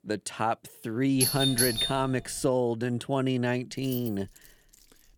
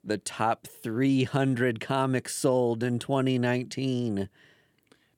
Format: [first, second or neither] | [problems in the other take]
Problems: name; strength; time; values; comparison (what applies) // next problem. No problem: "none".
second | doorbell; loud; at 1 s; peak 4 dB above the speech // jangling keys; faint; from 4 s on; peak 10 dB below the speech